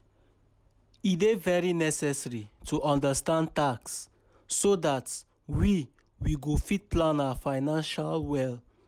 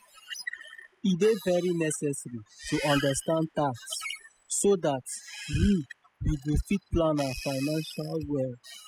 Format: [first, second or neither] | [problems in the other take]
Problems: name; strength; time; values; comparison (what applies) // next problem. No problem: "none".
first | noise reduction (classical method spectral subtraction)